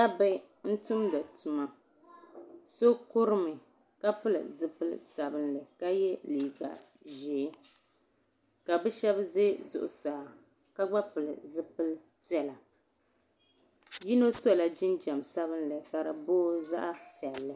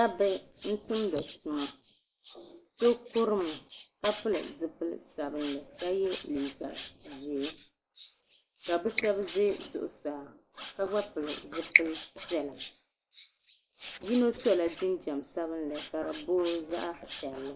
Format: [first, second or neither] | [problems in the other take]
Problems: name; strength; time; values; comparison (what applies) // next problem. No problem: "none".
first | noise reduction (neural mask model Resemble Enhance denoiser)